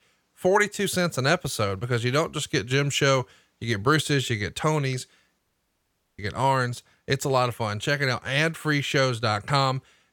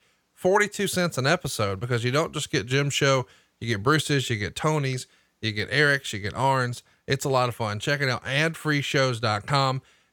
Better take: second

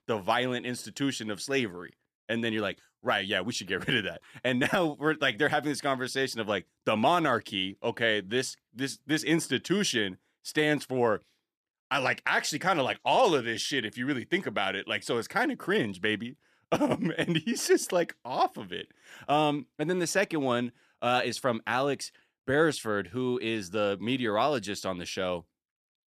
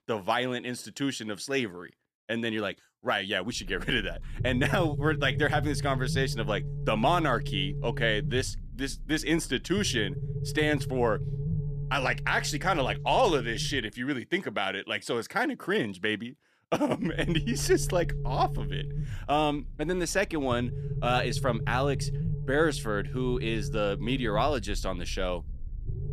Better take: first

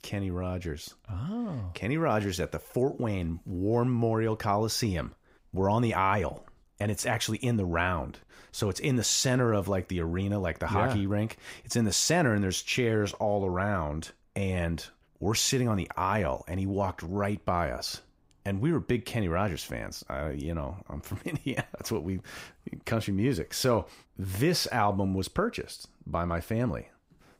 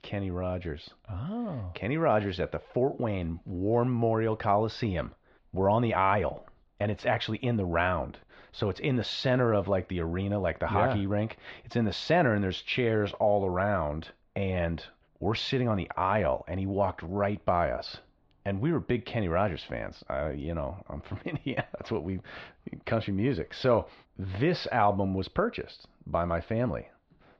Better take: first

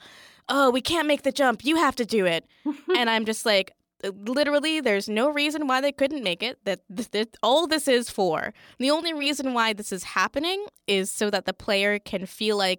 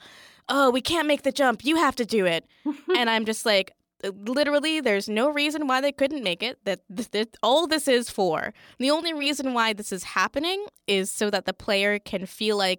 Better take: neither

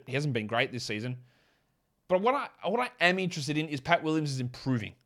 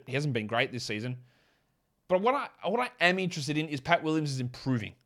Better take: neither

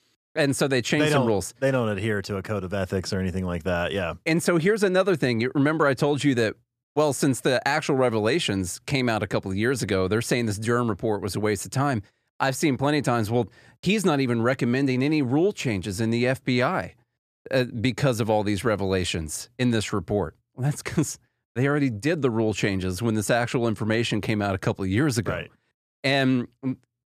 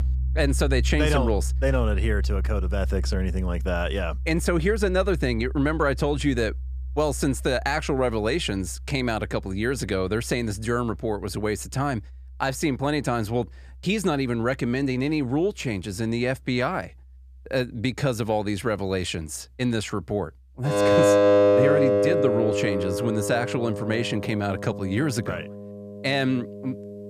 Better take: first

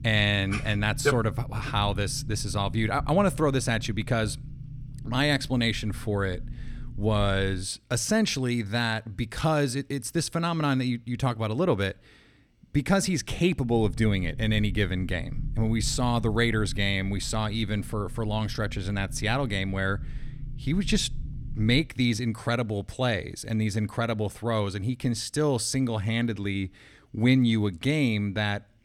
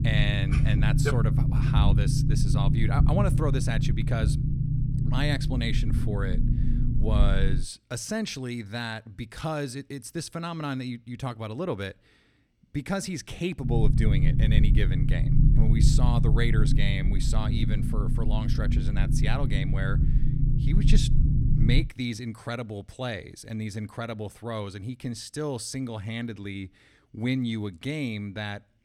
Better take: first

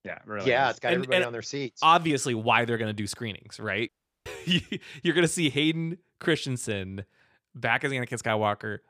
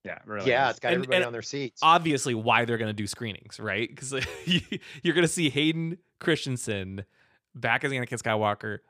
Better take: second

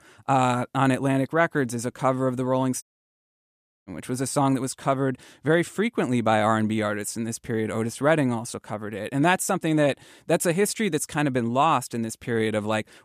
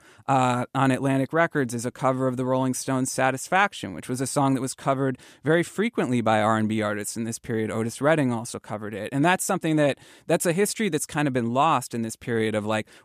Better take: second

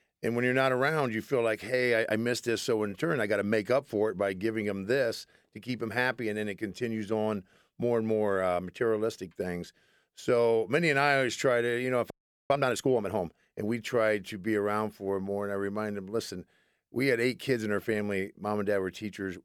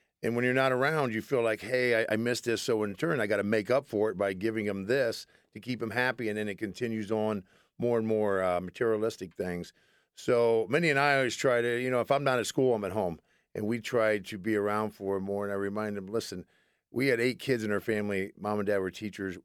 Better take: second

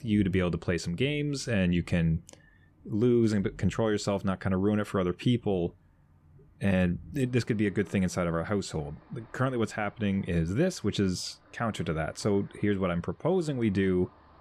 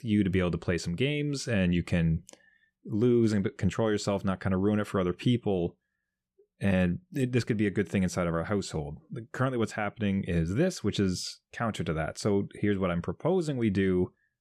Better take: second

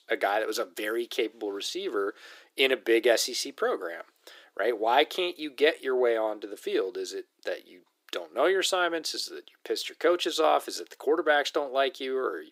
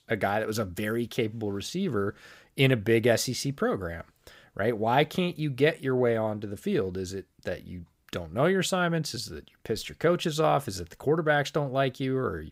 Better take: second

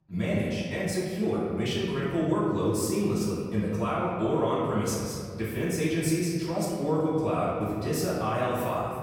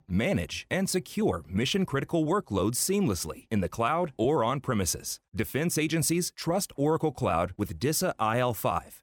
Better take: second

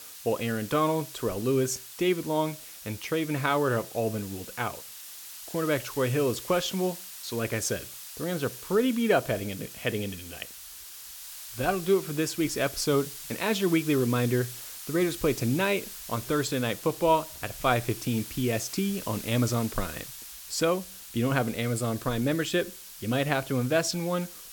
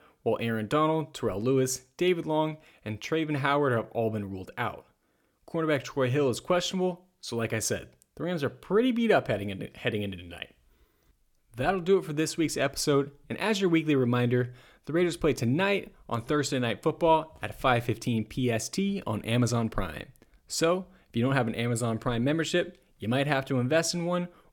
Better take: second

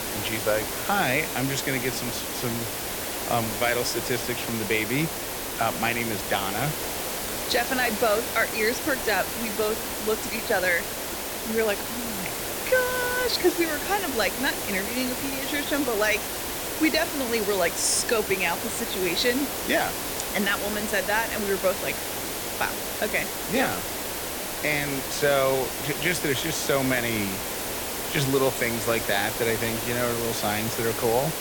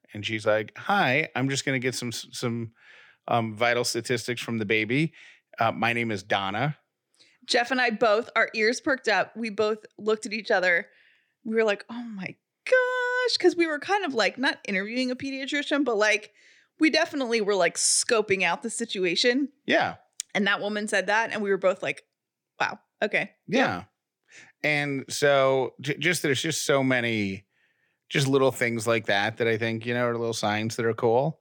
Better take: second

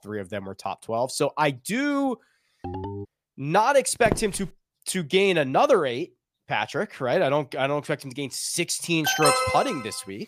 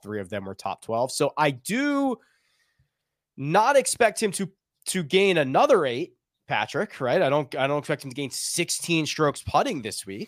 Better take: second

